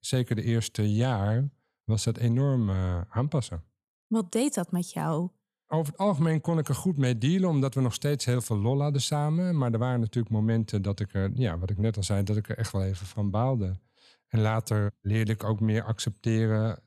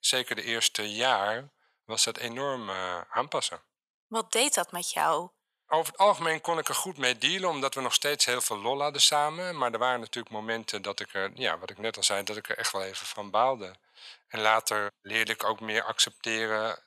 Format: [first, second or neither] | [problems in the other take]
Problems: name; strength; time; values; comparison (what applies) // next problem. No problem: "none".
first | thin; very; fading below 850 Hz